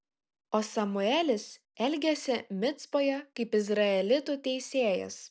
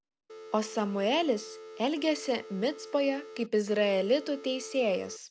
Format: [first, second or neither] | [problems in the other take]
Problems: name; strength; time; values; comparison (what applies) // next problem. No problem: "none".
first | background sound (Telephone); 16 dB below the speech